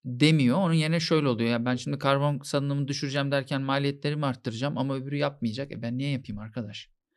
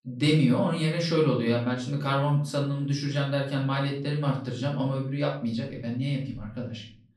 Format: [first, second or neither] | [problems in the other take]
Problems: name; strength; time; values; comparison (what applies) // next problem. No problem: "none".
first | off-mic speech; far // room echo; slight; dies away in 0.4 s